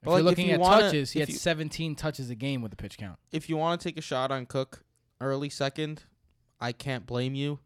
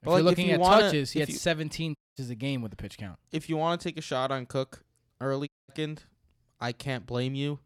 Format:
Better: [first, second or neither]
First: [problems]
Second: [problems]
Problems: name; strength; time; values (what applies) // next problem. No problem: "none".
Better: first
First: none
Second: audio cutting out; at 2 s and at 5.5 s